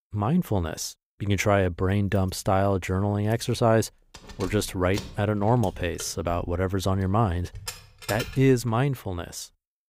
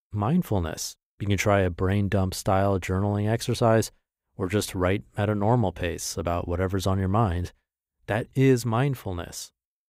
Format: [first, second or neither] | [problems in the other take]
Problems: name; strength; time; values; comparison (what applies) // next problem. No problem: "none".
second | jangling keys; noticeable; from 2 to 8.5 s; peak 9 dB below the speech